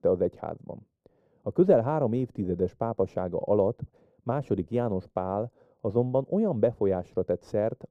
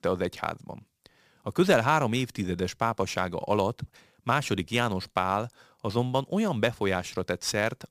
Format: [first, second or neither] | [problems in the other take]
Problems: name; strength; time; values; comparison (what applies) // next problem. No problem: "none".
second | muffled; very; fading above 1 kHz